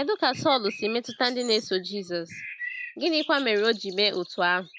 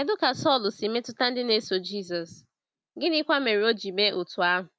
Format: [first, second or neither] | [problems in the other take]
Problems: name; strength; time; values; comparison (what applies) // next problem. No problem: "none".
second | background sound (Bird); 15 dB below the speech